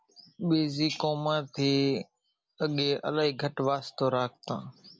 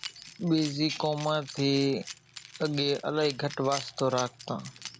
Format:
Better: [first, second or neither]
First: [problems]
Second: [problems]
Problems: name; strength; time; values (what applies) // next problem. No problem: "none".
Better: first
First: none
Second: background sound (Keys jangling); 15 dB below the speech